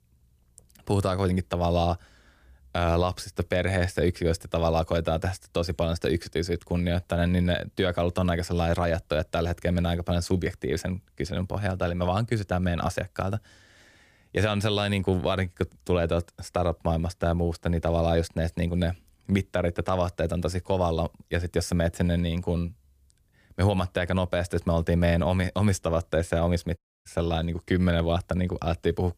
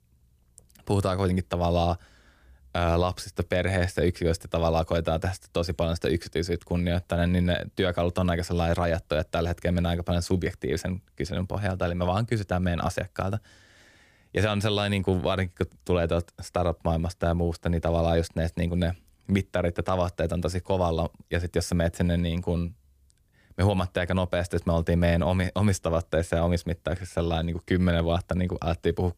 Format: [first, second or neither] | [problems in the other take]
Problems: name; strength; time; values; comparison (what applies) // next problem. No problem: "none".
second | audio cutting out; at 27 s